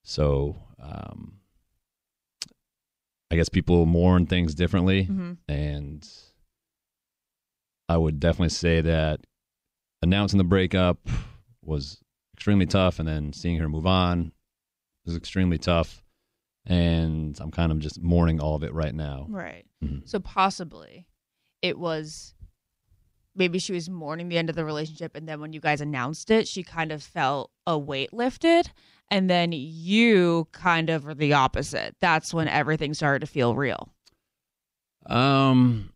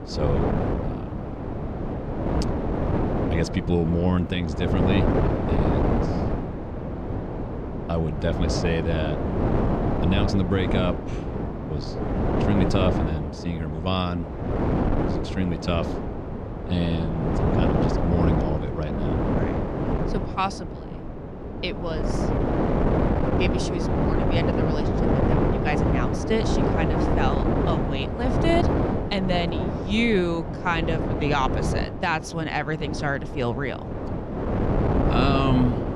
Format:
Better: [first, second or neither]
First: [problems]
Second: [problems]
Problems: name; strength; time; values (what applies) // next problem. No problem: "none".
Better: first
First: none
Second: wind noise on the microphone; heavy; as loud as the speech